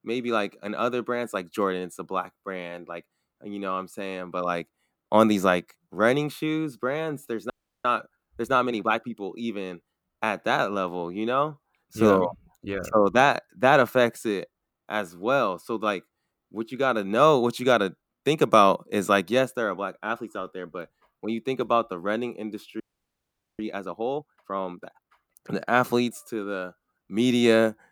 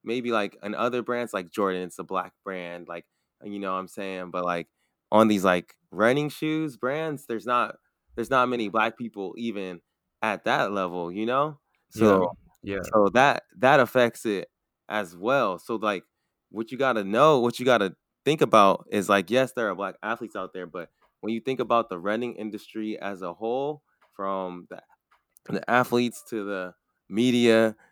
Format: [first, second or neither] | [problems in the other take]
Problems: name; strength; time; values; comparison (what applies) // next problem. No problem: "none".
second | audio freezing; at 7.5 s and at 23 s for 1 s